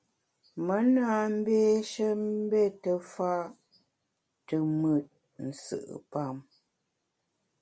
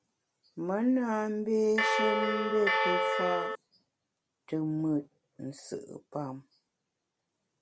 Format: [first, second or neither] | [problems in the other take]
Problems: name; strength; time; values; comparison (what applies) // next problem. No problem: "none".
first | background sound (Bell); 4 dB above the speech